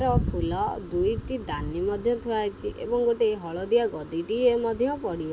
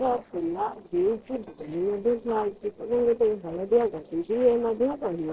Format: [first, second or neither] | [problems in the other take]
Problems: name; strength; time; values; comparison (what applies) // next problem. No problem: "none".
first | noise reduction (neural separator model SepFormer DNS4)